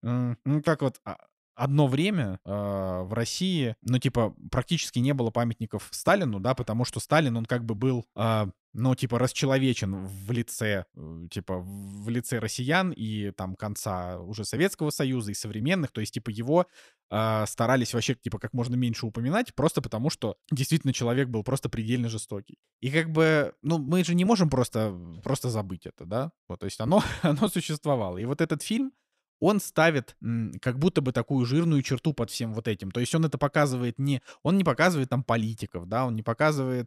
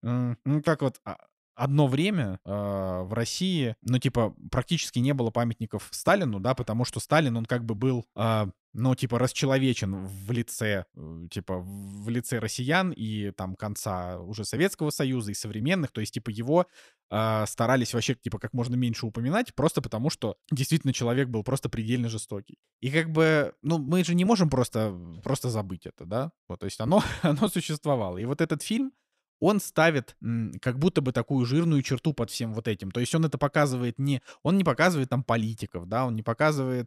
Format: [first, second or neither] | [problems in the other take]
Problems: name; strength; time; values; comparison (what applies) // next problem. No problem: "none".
neither | none